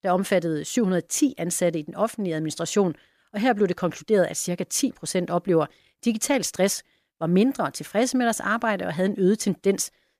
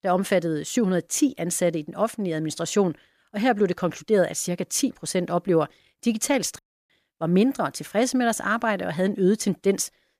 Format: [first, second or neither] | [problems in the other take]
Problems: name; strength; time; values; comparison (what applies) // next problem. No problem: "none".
first | audio cutting out; at 6.5 s